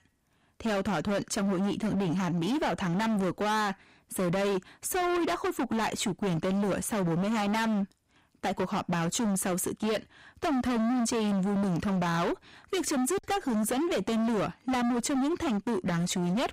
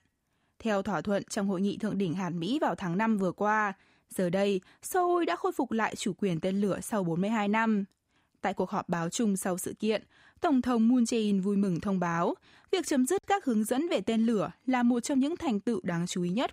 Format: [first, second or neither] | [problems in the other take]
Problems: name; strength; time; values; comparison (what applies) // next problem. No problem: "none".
second | distortion; heavy; 34% of the sound clipped